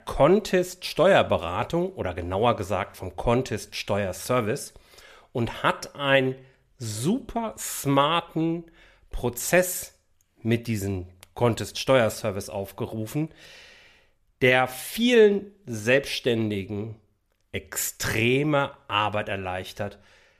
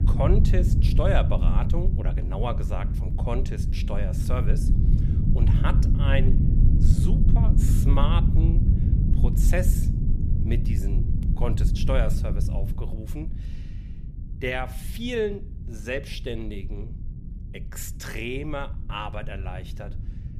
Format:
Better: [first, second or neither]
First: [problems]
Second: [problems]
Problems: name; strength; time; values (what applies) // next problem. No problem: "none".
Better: first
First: none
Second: low rumble; loud; throughout; 4 dB below the speech